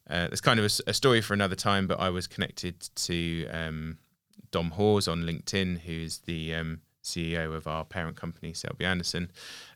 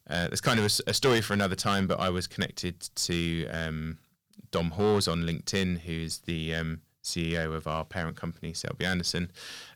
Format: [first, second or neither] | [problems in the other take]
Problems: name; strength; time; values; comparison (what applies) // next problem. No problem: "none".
first | distortion; slight; 2% of the sound clipped